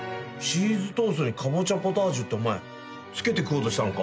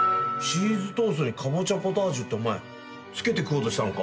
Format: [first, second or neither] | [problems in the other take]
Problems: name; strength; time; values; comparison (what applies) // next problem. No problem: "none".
first | background sound (Glockenspiel); 7 dB below the speech // room echo; dies away in 0.2 s